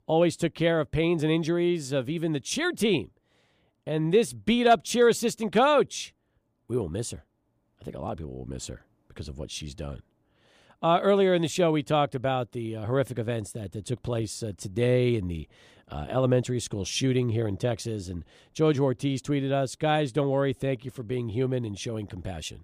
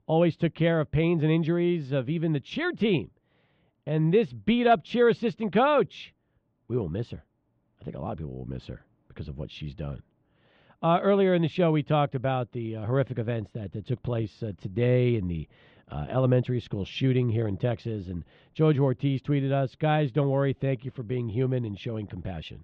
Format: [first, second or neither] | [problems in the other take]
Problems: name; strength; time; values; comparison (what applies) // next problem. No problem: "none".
first | muffled; very; fading above 3.5 kHz